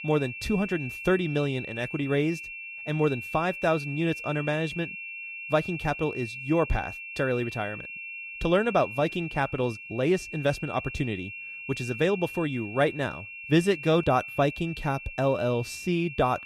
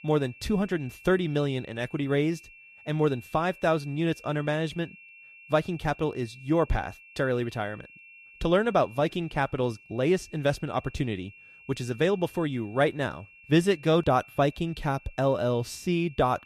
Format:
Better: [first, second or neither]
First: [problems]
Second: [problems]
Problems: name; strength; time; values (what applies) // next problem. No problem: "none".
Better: second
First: high-pitched whine; loud; throughout; 2.5 kHz, 9 dB below the speech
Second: high-pitched whine; faint; throughout; 2.5 kHz, 20 dB below the speech